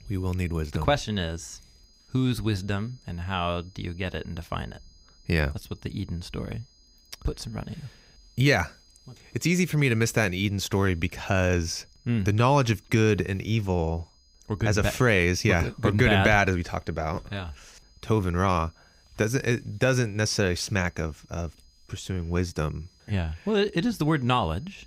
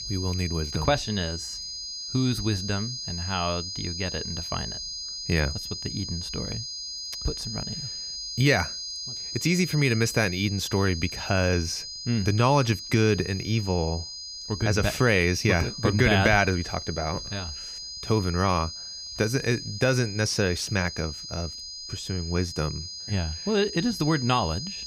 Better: first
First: high-pitched whine; faint; throughout; 5 kHz, 30 dB below the speech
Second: high-pitched whine; loud; throughout; 5 kHz, 7 dB below the speech

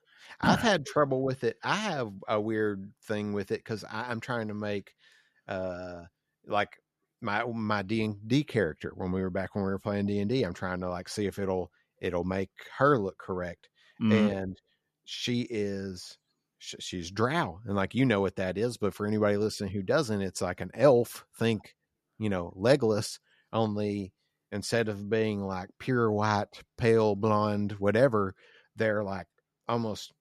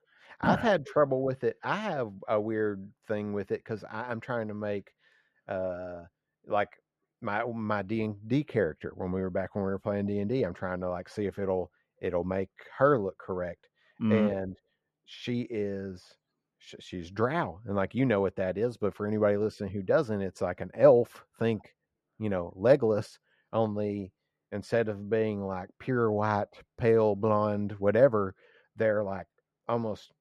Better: first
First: none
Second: muffled; slightly; fading above 3.5 kHz

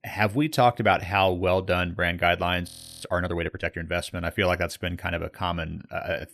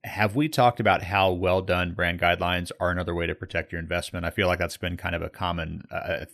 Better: second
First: audio freezing; at 2.5 s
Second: none

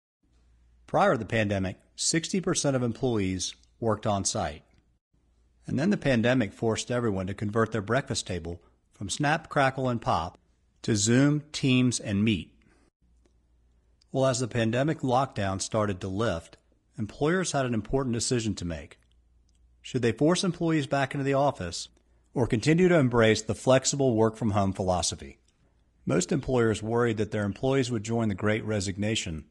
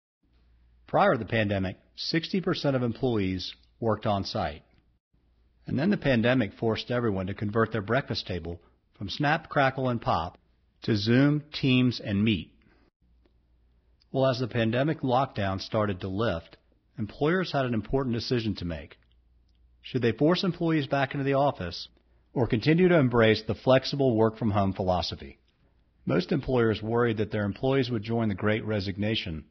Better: first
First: garbled, watery; slightly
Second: garbled, watery; badly; nothing above 5.5 kHz

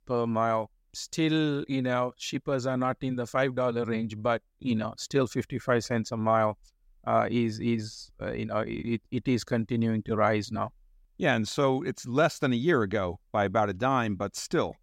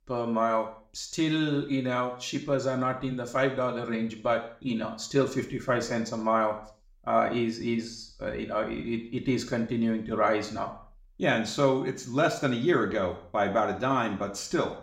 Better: first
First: none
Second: room echo; slight; dies away in 0.5 s

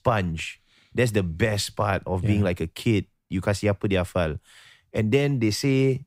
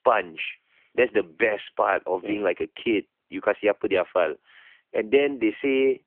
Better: first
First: none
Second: phone-call audio

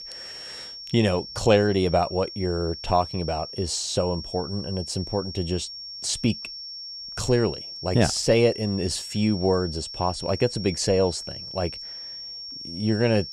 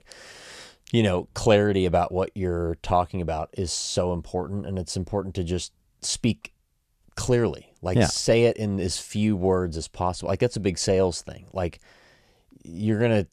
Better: second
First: high-pitched whine; loud; throughout; 5.5 kHz, 10 dB below the speech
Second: none

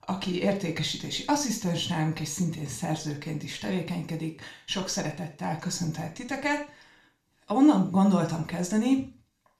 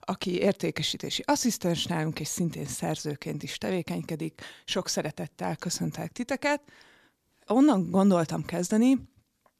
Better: second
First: room echo; slight; dies away in 0.4 s // off-mic speech; somewhat distant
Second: none

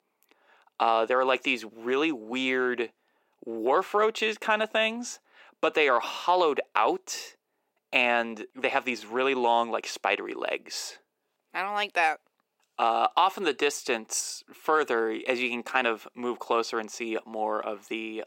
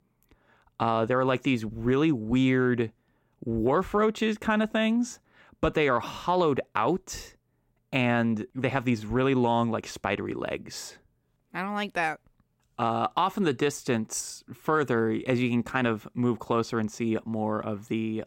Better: second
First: thin; somewhat; fading below 400 Hz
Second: none

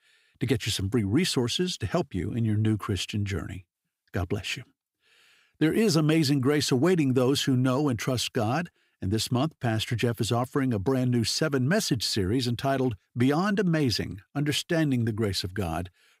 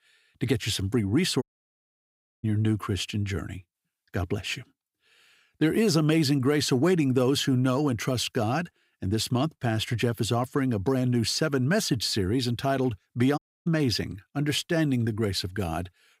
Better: first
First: none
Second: audio cutting out; at 1.5 s for 1 s and at 13 s

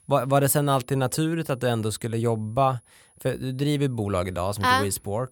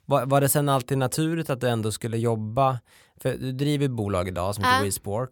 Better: second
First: high-pitched whine; faint; throughout; 10.5 kHz, 35 dB below the speech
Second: none

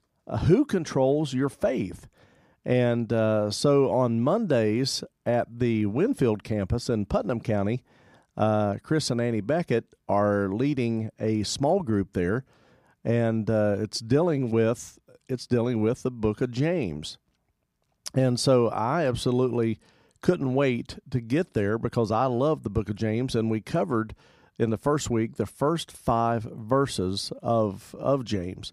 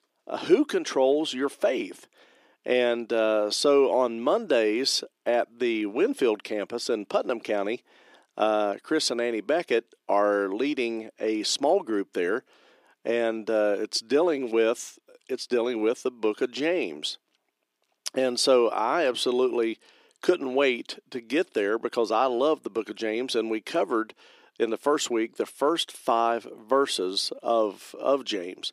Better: first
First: none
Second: thin; somewhat; fading below 350 Hz

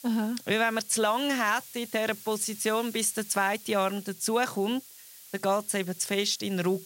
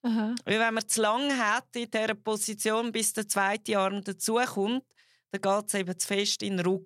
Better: second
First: hiss; noticeable; throughout; 15 dB below the speech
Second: none

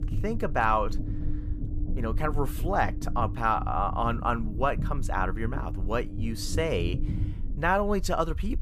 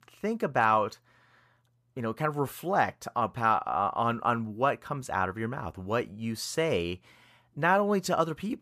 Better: second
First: low rumble; noticeable; throughout; 15 dB below the speech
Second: none

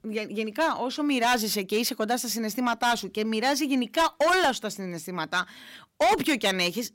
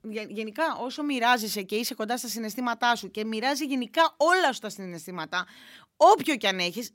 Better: second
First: distortion; heavy; 6% of the sound clipped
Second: none

